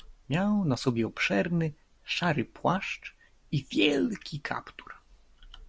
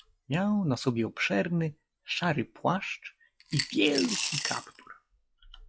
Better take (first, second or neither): first